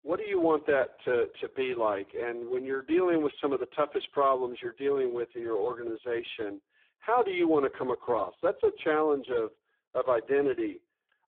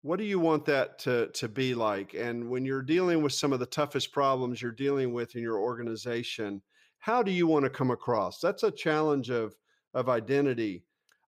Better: second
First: phone-call audio; poor line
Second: none

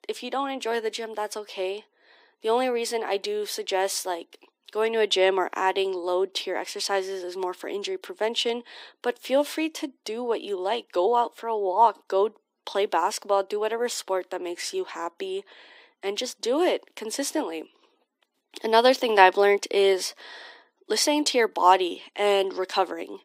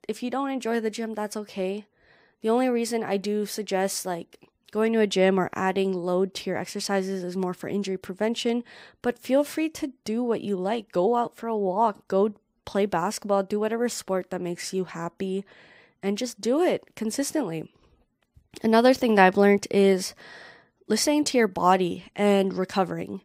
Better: second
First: thin; somewhat; fading below 300 Hz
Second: none

